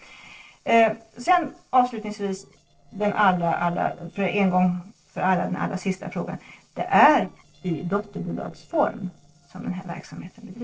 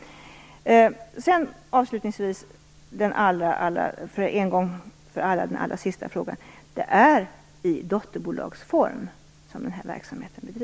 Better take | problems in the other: second | noise reduction (neural separator model SepFormer DNS4)

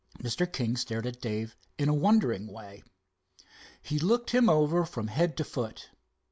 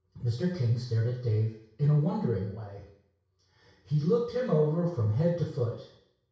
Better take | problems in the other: first | room echo; dies away in 0.6 s

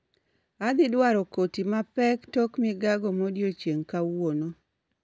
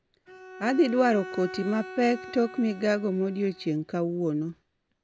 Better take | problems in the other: first | background sound (Bowed string instrument); 16 dB below the speech

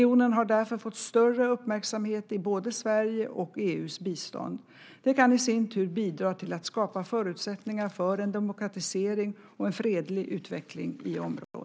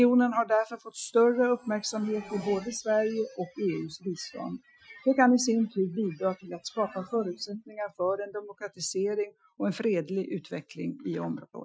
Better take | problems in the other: first | noise reduction (classical method Wiener filter)

